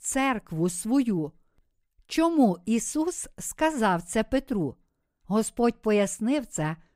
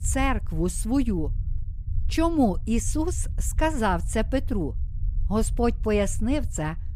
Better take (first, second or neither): first